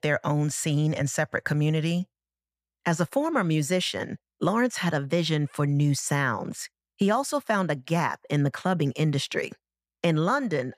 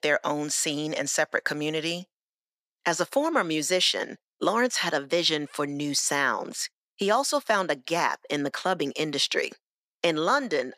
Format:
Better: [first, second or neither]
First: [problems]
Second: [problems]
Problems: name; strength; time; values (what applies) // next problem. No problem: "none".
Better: first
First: none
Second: thin; somewhat; fading below 300 Hz